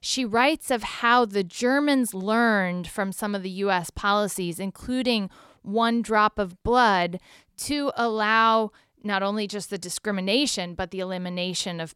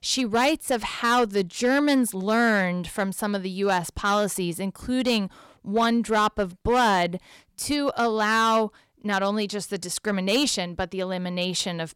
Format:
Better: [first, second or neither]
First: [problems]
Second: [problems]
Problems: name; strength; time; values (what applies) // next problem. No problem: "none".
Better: first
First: none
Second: distortion; slight; 5% of the sound clipped